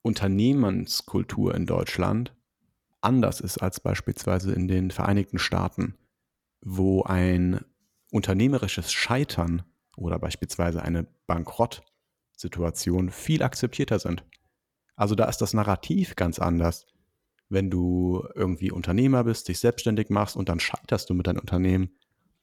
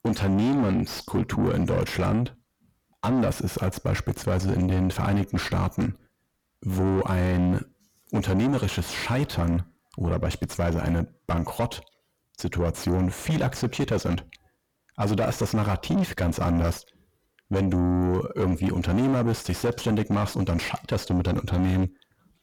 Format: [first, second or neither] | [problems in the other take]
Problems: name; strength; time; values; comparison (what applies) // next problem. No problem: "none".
first | distortion; heavy; 6 dB below the speech